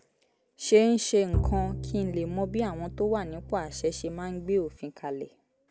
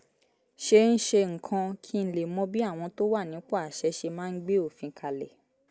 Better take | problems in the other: second | background sound (Bowed string instrument); 6 dB below the speech

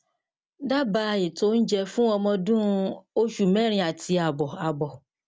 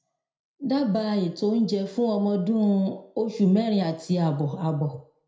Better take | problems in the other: first | room echo; dies away in 0.4 s

